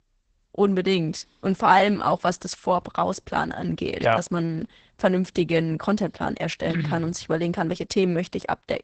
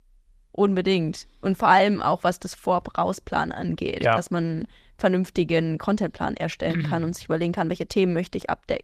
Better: second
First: garbled, watery; badly; nothing above 8 kHz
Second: garbled, watery; slightly; nothing above 14.5 kHz

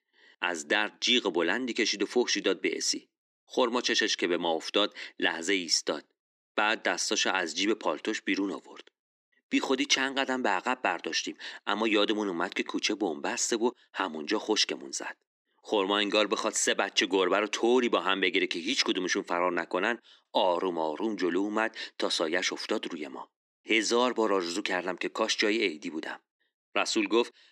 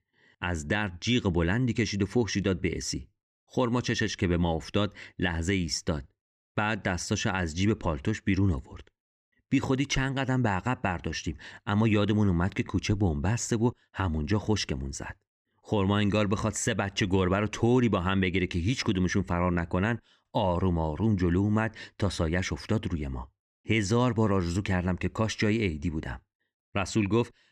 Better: second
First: thin; somewhat; fading below 300 Hz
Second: none

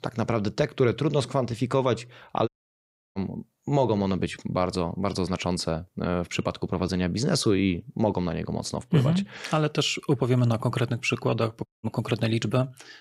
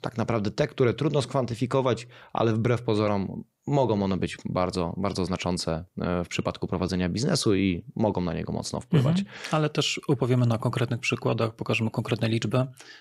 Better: second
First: audio cutting out; at 2.5 s for 0.5 s and at 12 s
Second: none

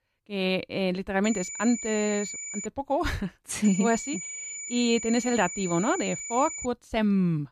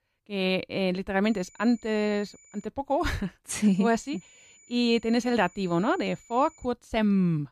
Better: second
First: high-pitched whine; loud; from 1 to 2.5 s and from 3.5 to 6.5 s; 7 kHz, 7 dB below the speech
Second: high-pitched whine; faint; from 1 to 2.5 s and from 3.5 to 6.5 s; 7 kHz, 25 dB below the speech

